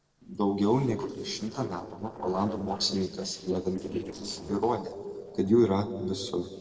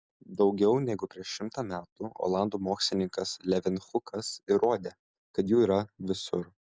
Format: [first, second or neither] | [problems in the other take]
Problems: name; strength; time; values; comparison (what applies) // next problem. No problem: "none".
second | noise reduction (neural separator model SepFormer DNS4)